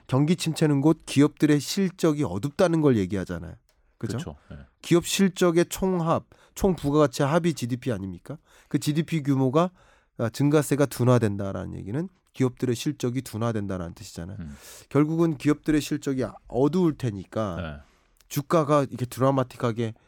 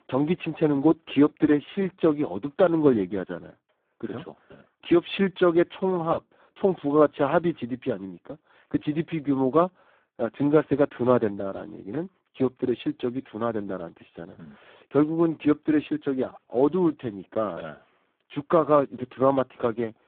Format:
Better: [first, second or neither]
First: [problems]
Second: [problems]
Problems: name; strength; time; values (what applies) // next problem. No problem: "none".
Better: first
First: none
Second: phone-call audio; poor line